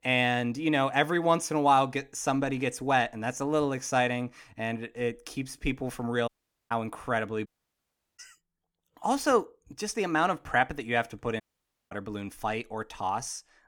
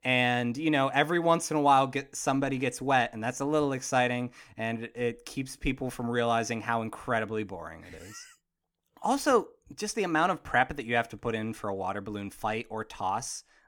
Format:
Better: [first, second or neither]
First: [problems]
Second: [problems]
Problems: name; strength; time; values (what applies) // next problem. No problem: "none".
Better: second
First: audio cutting out; at 6.5 s, at 7.5 s for 0.5 s and at 11 s for 0.5 s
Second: none